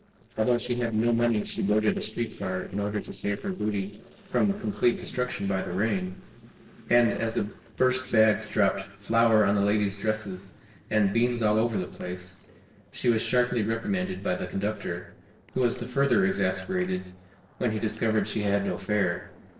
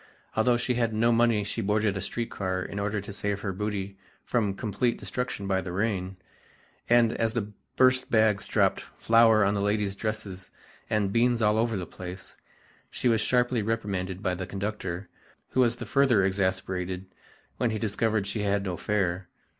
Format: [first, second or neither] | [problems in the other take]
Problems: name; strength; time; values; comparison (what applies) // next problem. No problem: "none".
second | noise reduction (neural separator model SepFormer DNS4)